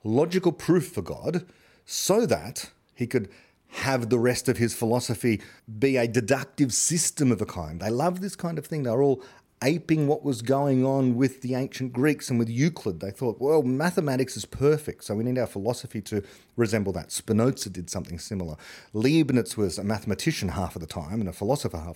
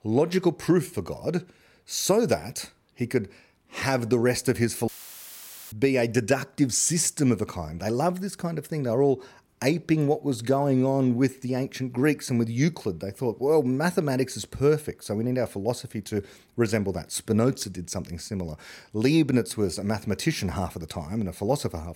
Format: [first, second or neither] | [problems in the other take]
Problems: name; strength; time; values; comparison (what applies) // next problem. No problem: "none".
first | audio cutting out; filled with static; at 5 s for 1 s